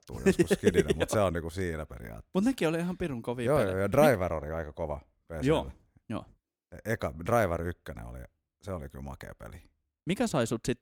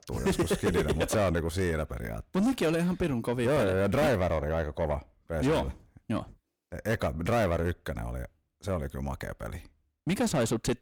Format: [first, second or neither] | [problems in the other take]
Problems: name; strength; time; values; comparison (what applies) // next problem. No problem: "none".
first | distortion; heavy; 5 dB below the speech